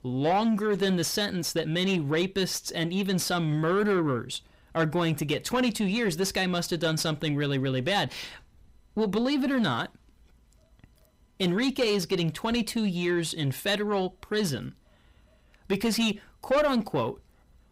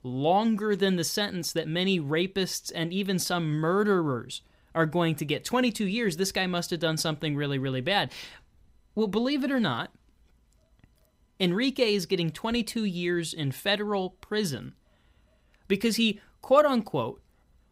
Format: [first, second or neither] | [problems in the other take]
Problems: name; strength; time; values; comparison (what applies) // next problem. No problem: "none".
second | distortion; slight; 10 dB below the speech